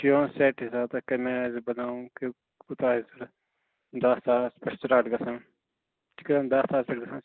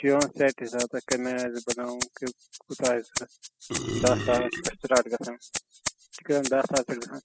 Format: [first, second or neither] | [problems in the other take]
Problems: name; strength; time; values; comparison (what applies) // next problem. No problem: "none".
first | noise reduction (classical method spectral subtraction)